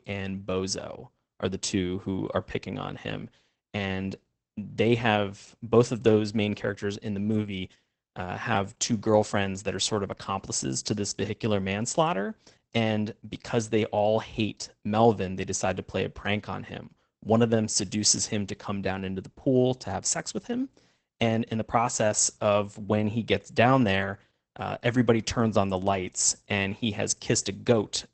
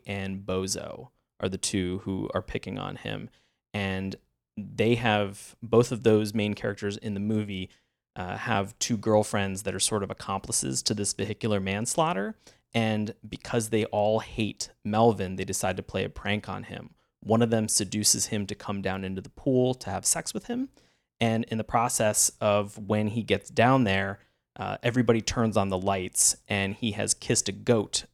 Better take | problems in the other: second | garbled, watery; badly; nothing above 8 kHz

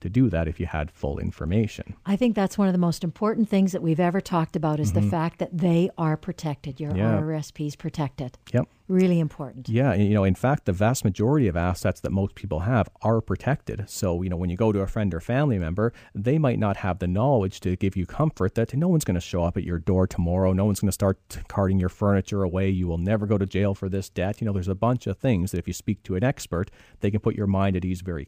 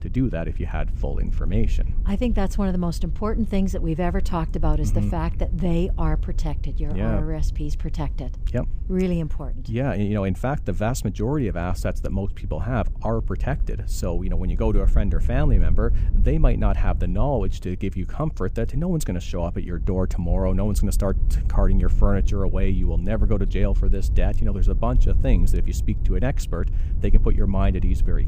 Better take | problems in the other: first | wind noise on the microphone; occasional gusts; 15 dB below the speech

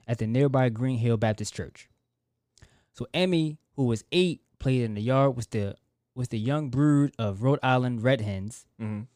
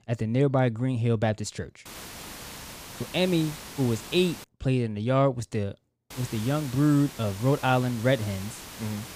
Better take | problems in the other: first | hiss; noticeable; from 2 to 4.5 s and from 6 s on; 15 dB below the speech

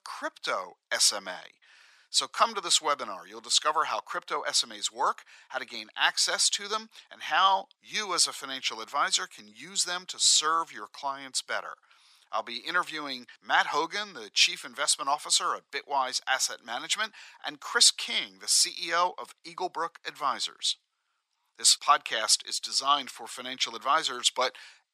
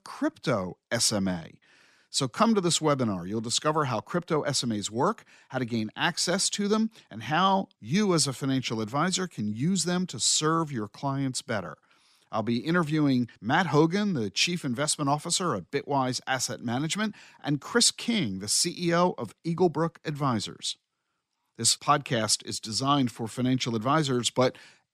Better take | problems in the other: second | thin; very; fading below 950 Hz

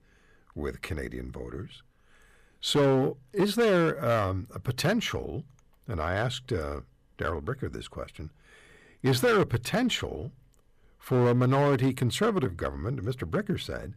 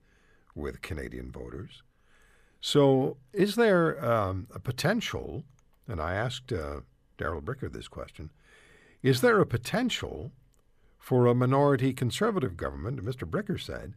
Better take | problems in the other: second | distortion; slight; 5% of the sound clipped

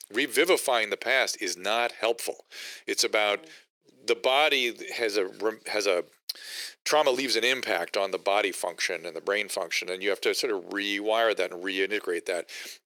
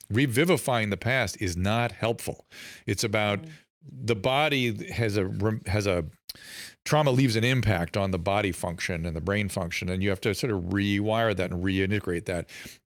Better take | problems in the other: second | thin; very; fading below 400 Hz

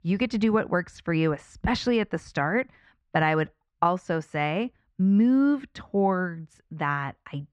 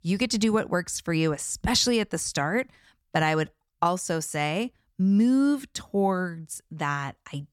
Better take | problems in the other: second | muffled; slightly; fading above 2 kHz

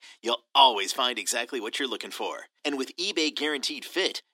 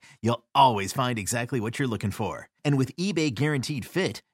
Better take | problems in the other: second | thin; somewhat; fading below 300 Hz

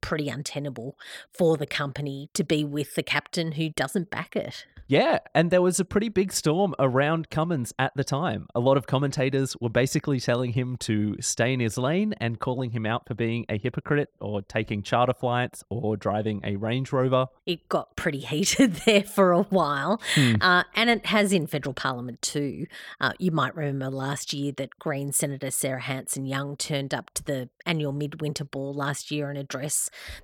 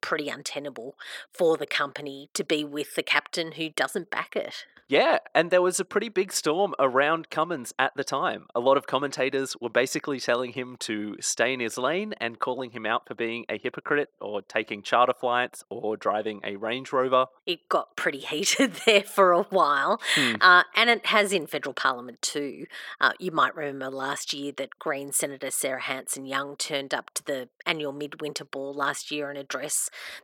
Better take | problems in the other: first | thin; somewhat; fading below 400 Hz

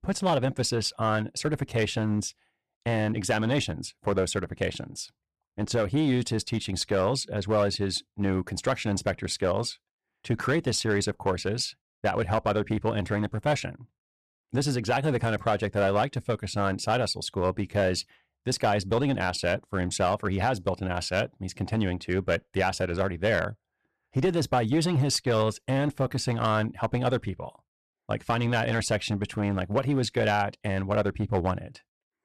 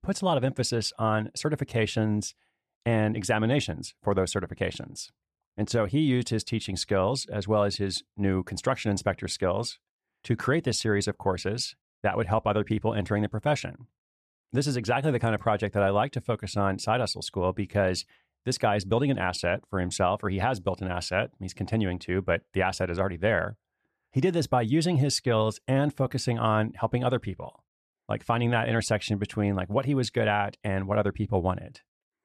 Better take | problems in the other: second | distortion; slight; 5% of the sound clipped

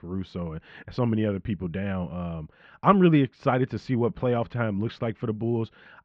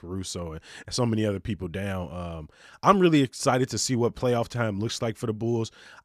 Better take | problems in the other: second | muffled; very; fading above 3 kHz

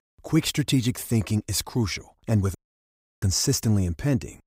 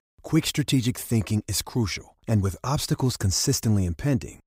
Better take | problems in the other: second | audio cutting out; at 2.5 s for 0.5 s

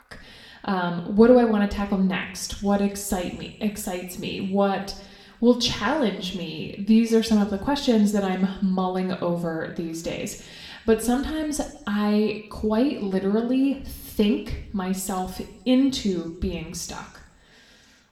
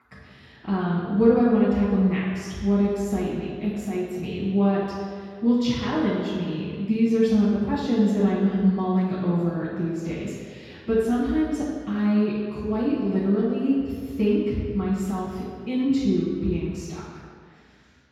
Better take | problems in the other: first | room echo; strong; dies away in 2 s; slight in the first // off-mic speech; far; somewhat distant in the first

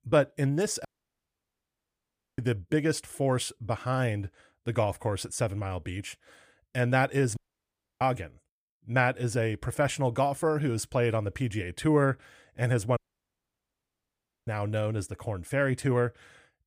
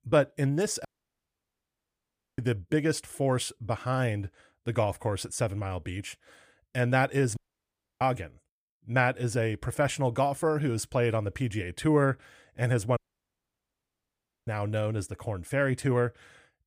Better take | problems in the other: neither | audio cutting out; at 1 s for 1.5 s, at 7.5 s for 0.5 s and at 13 s for 1.5 s; the same in both

